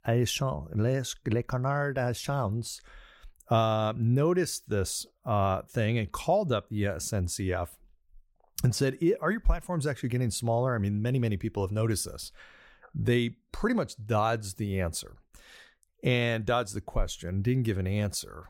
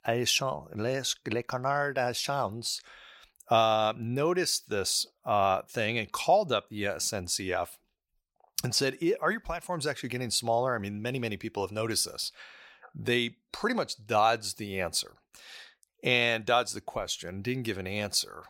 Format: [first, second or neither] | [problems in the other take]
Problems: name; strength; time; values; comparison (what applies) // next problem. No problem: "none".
first | thin; somewhat; fading below 950 Hz